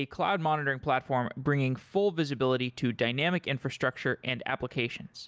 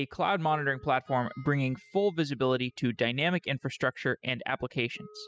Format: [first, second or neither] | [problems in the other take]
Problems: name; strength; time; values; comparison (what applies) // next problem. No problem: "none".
first | noise reduction (classical method spectral subtraction)